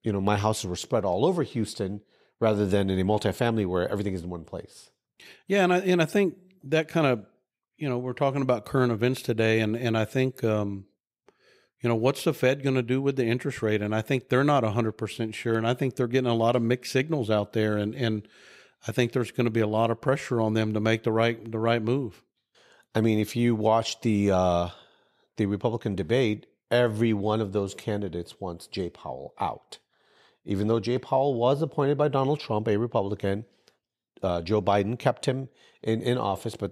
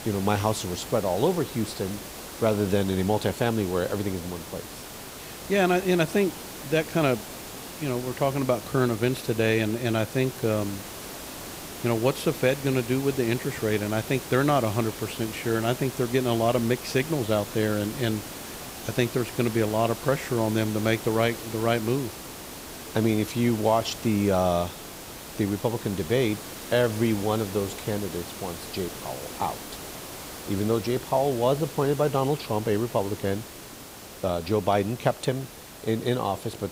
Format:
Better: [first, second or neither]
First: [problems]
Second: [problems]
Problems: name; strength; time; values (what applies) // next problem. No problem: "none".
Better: first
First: none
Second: hiss; noticeable; throughout; 10 dB below the speech